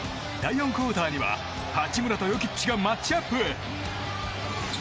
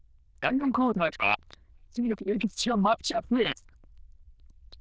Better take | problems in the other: first | noise reduction (neural diffusion model UNIVERSE++)

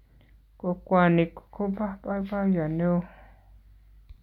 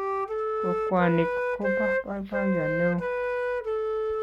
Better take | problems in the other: first | background sound (Wind instrument, woodwind instrument); 2 dB above the speech

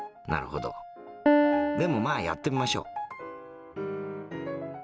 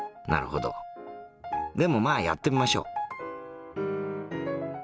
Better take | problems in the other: second | background sound (Piano); 2 dB above the speech

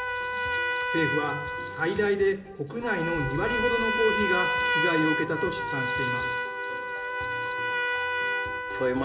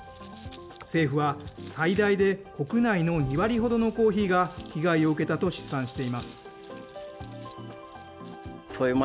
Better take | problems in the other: second | background sound (Trumpet); 1 dB above the speech // room echo; dies away in 1.2 s

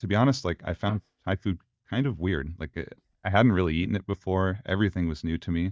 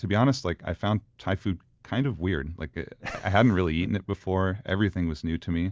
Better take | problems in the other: second | noise reduction (neural mask model DeepFilterNet 3)

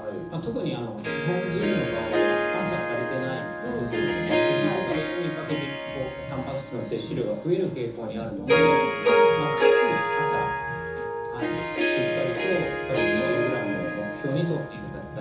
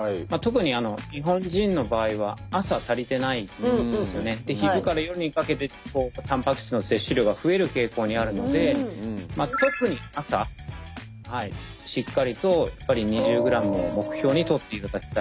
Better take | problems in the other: second | background sound (Harp); 4 dB above the speech // room echo; dies away in 0.7 s

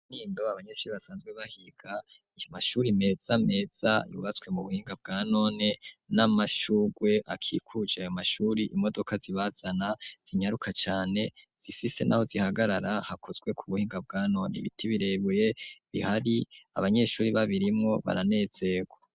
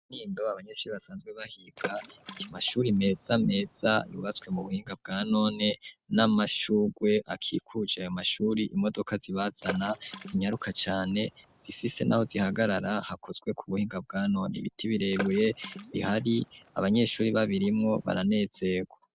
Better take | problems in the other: first | background sound (Water / Splash, splatter); 15 dB below the speech

